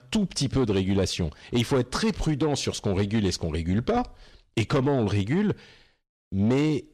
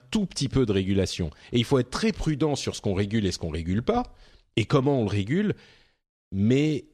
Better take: second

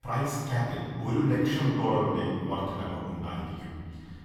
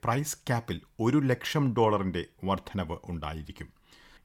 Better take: second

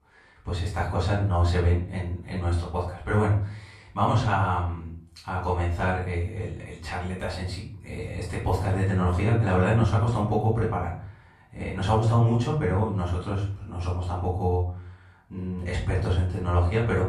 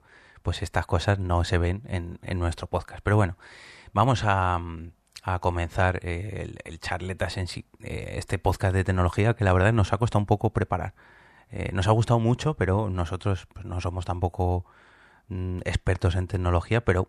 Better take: second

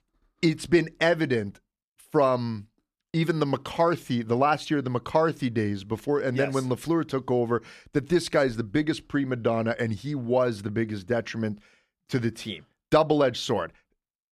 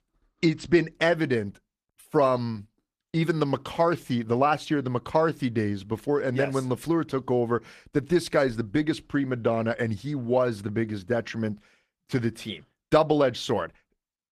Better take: first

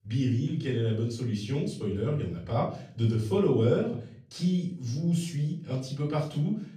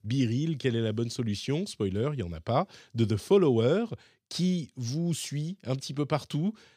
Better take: second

